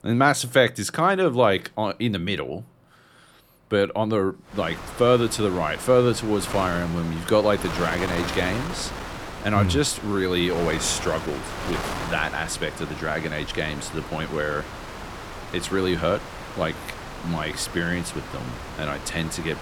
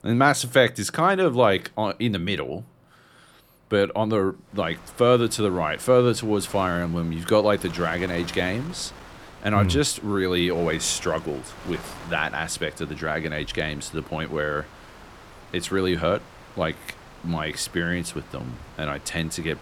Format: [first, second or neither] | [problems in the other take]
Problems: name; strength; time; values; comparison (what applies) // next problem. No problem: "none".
second | wind noise on the microphone; heavy; from 4.5 s on; 9 dB below the speech; occasional gusts in the second